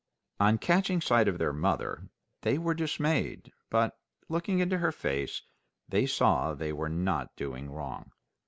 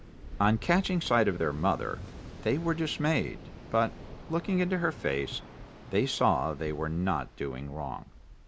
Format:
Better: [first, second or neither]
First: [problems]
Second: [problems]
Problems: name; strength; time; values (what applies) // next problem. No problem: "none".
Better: first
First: none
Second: background sound (Waves, surf); 14 dB below the speech